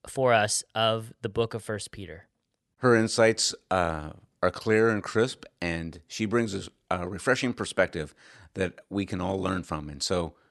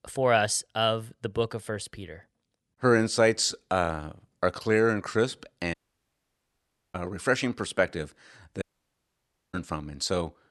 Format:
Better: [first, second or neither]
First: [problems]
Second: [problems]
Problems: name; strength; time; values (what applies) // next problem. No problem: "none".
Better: first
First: none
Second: audio cutting out; at 5.5 s for 1 s and at 8.5 s for 1 s